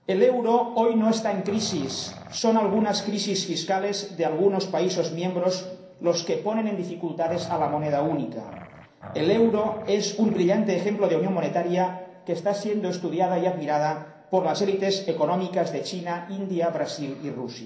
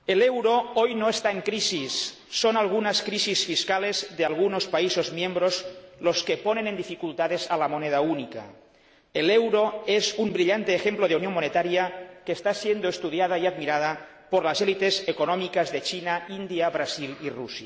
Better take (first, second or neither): second